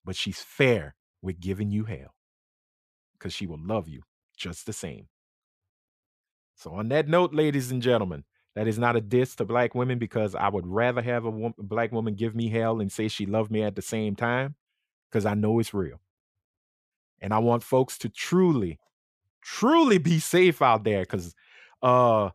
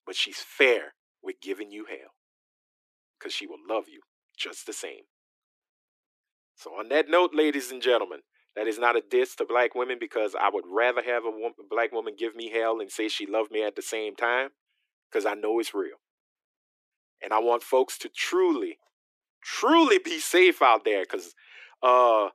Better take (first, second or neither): first